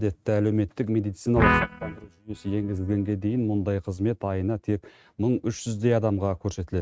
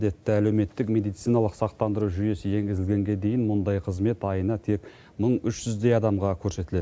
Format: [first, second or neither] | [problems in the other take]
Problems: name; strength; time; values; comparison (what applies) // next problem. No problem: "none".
second | noise reduction (neural mask model RNNoise)